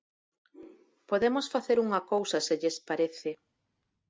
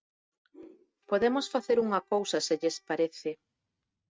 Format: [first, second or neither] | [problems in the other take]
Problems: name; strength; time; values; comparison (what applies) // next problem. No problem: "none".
first | noise reduction (neural mask model RNNoise)